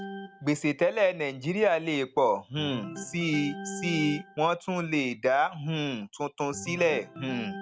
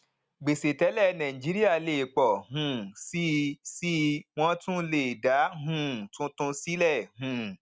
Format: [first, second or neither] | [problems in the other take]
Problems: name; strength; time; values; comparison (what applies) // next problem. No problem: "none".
second | background sound (Organ); 14 dB below the speech